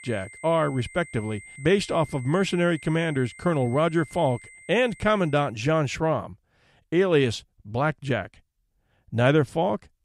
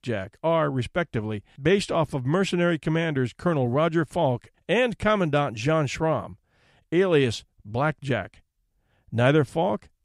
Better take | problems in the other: second | high-pitched whine; noticeable; until 5.5 s; 2 kHz, 20 dB below the speech

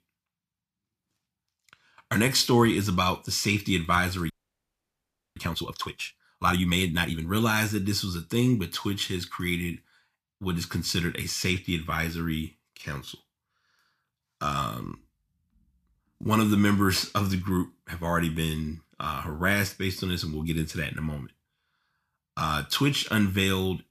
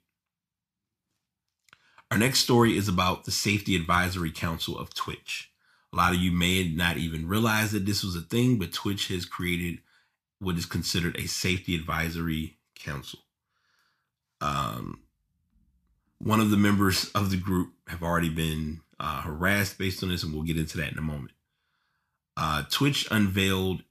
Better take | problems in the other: second | audio freezing; at 4.5 s for 1 s

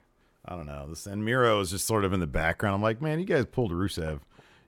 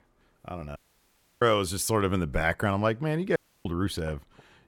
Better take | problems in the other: first | audio cutting out; at 1 s for 0.5 s and at 3.5 s

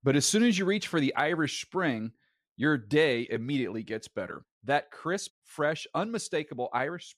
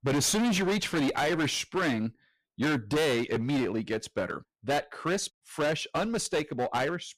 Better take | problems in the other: first | distortion; heavy; 20% of the sound clipped

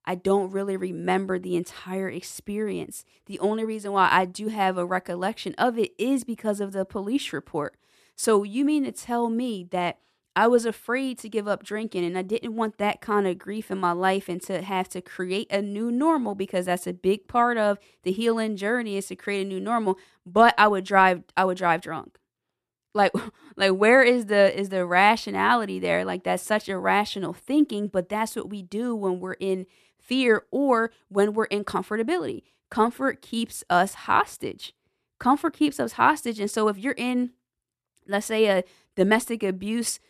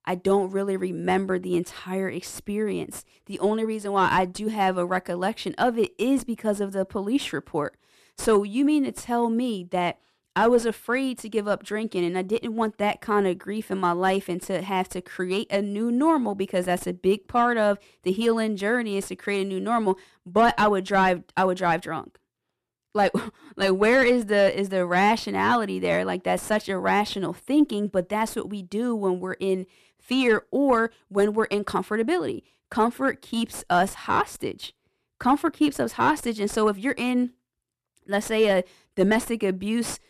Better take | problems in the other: first | distortion; slight; 10 dB below the speech

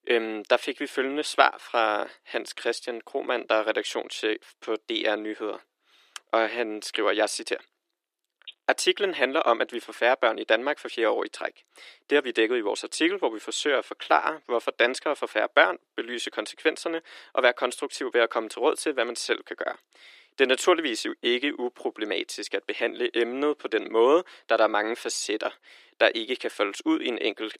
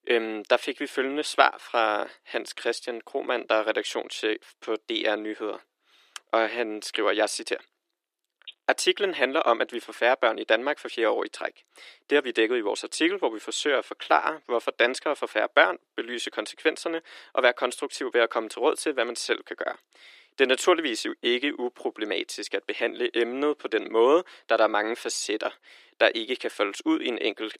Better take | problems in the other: neither | thin; very; fading below 300 Hz; the same in both

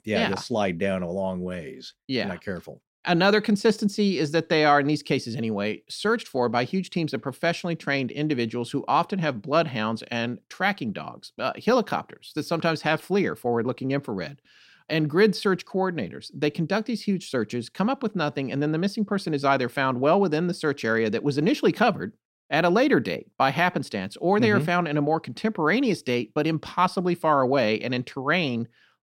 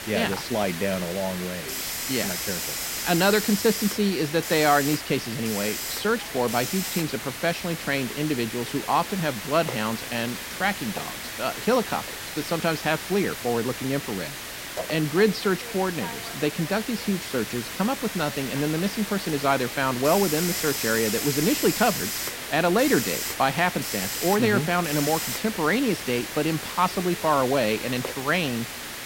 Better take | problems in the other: first | hiss; loud; throughout; 5 dB below the speech

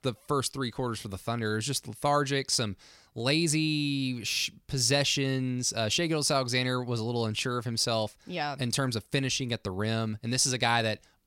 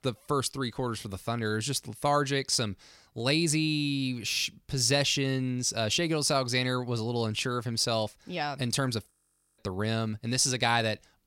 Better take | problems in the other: first | audio freezing; at 9 s

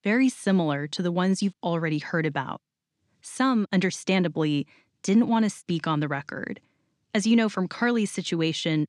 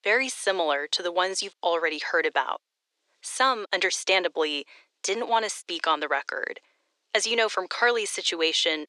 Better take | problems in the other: first | thin; very; fading below 450 Hz

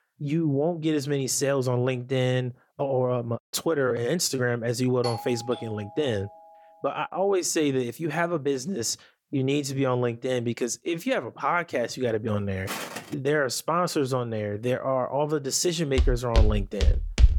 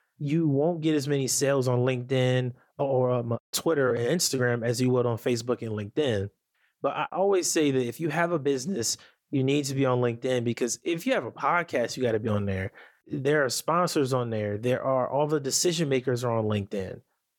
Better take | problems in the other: second | doorbell; noticeable; from 5 to 6.5 s; peak 9 dB below the speech // footsteps; noticeable; at 13 s; peak 6 dB below the speech // footsteps; loud; from 16 s on; peak 3 dB above the speech

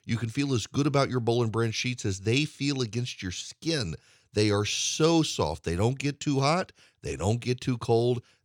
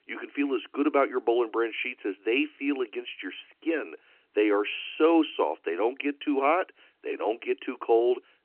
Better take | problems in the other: first | phone-call audio; nothing above 2.5 kHz

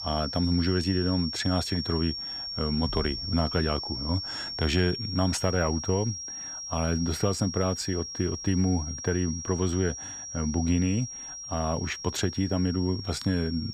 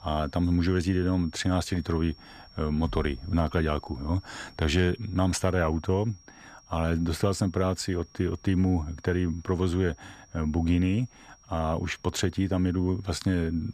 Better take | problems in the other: second | high-pitched whine; loud; throughout; 5.5 kHz, 6 dB below the speech; faint in the second

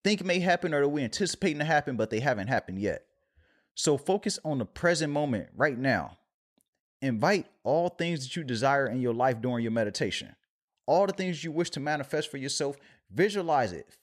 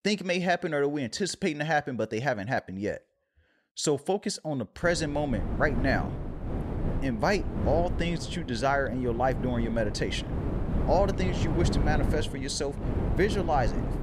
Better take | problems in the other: first | wind noise on the microphone; heavy; from 5 s on; 10 dB below the speech

